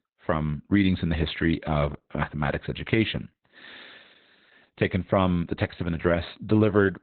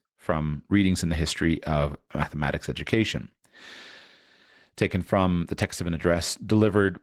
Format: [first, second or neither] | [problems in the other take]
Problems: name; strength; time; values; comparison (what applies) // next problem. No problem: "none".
second | garbled, watery; badly; nothing above 4 kHz; slightly in the second